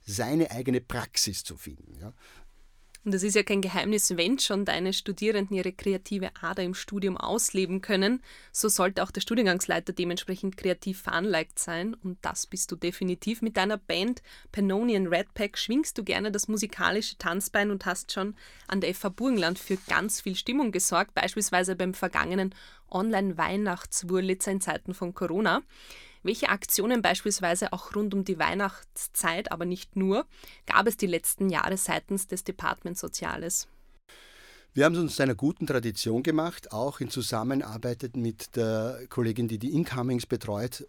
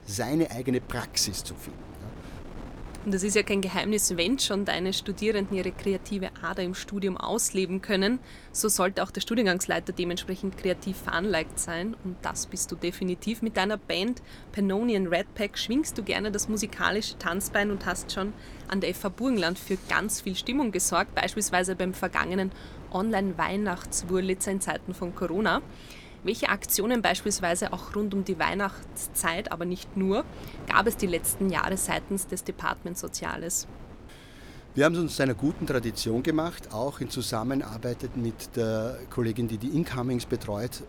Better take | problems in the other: first | wind noise on the microphone; occasional gusts; 20 dB below the speech

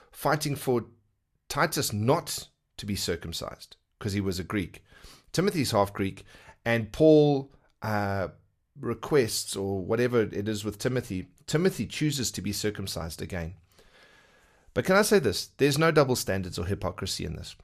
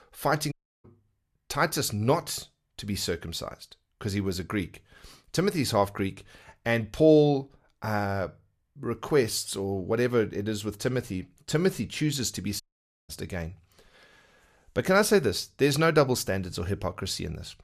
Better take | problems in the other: first | audio cutting out; at 0.5 s and at 13 s

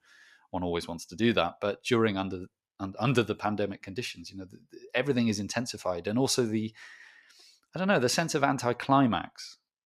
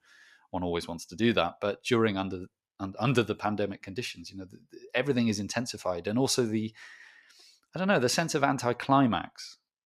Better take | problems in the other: neither | none

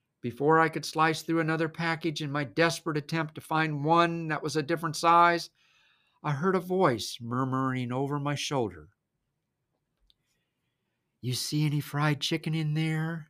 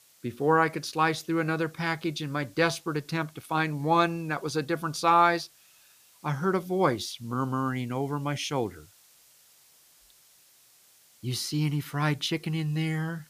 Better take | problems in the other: first | hiss; faint; throughout; 30 dB below the speech

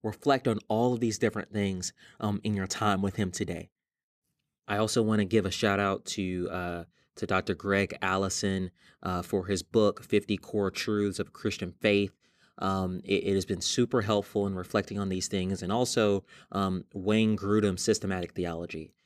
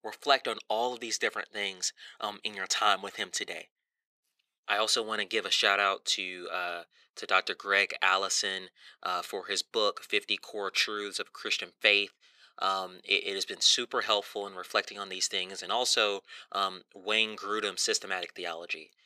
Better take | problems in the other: first | thin; very; fading below 700 Hz

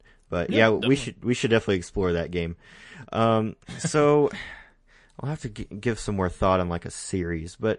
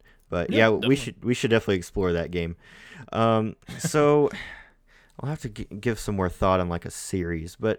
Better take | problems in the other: second | garbled, watery; slightly; nothing above 9 kHz

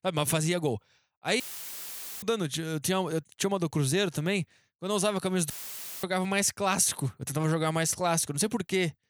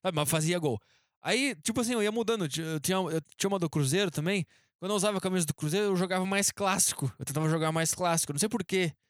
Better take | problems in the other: second | audio cutting out; filled with static; at 1.5 s for 1 s and at 5.5 s for 0.5 s

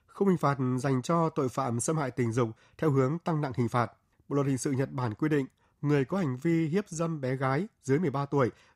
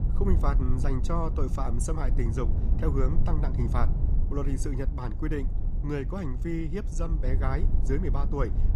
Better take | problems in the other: first | low rumble; loud; throughout; 9 dB below the speech

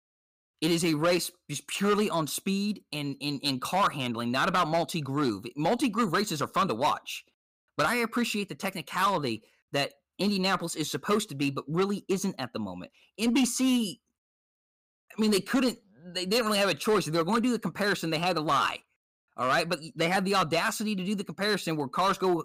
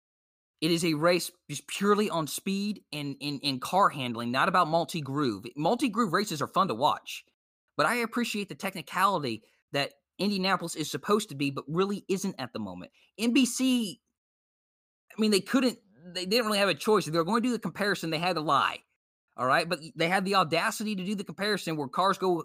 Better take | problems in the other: second | distortion; slight; 5% of the sound clipped

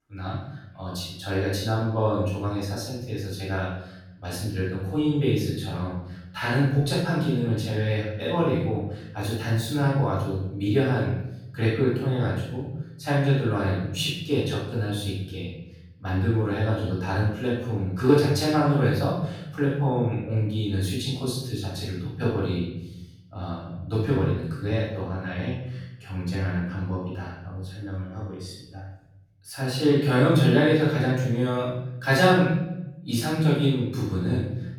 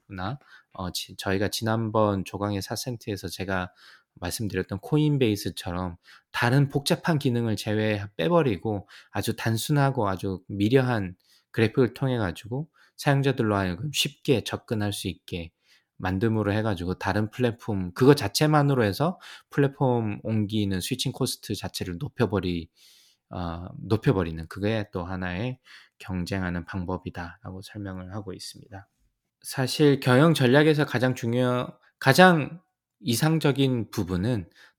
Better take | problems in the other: second | room echo; strong; dies away in 0.9 s // off-mic speech; far

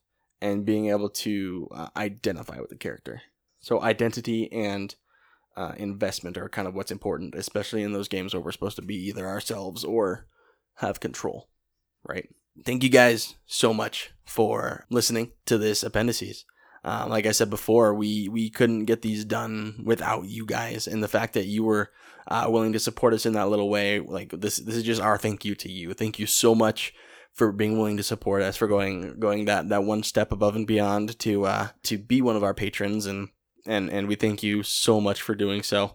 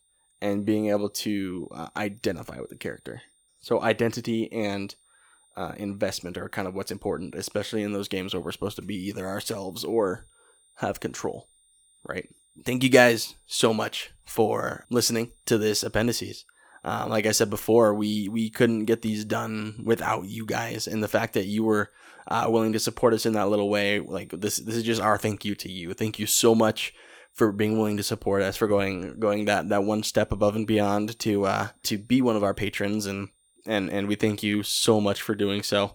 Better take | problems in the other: first | high-pitched whine; faint; throughout; 9 kHz, 35 dB below the speech

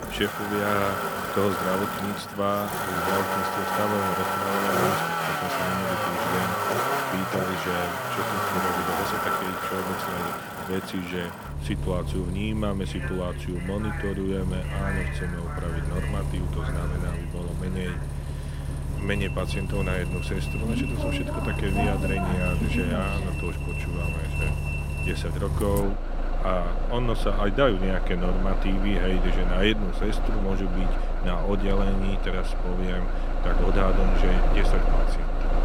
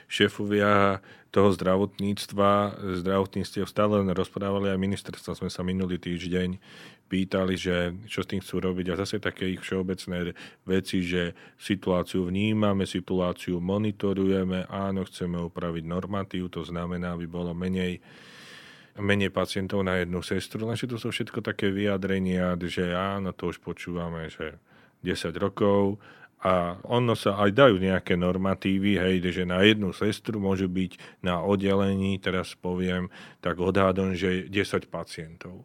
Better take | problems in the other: second | traffic noise; very loud; throughout; 2 dB above the speech

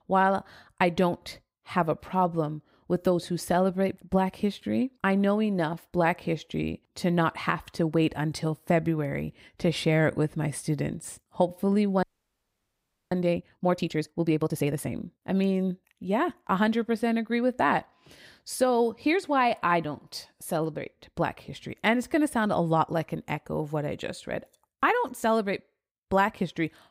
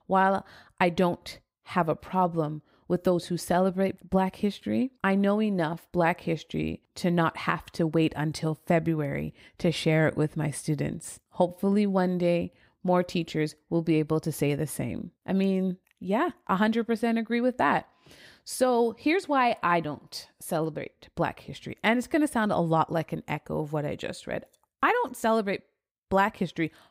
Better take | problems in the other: second | audio freezing; at 12 s for 1 s

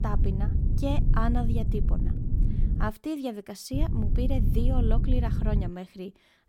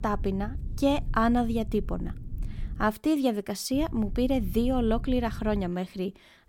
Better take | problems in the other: second | low rumble; loud; until 3 s and from 3.5 to 5.5 s; 6 dB below the speech; faint in the second

